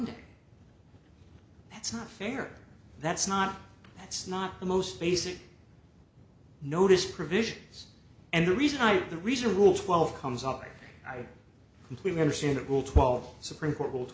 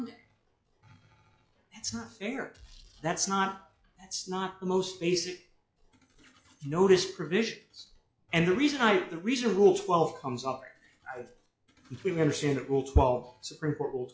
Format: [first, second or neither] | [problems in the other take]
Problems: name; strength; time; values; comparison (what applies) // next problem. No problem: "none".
first | noise reduction (classical method log-MMSE)